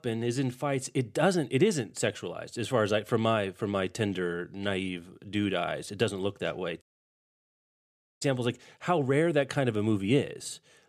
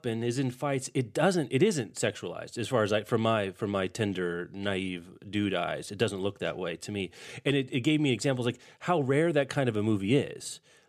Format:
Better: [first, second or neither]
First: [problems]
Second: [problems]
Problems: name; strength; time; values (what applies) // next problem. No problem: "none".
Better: second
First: audio cutting out; at 7 s for 1.5 s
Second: none